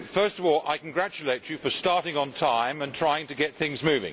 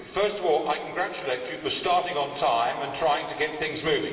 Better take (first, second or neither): first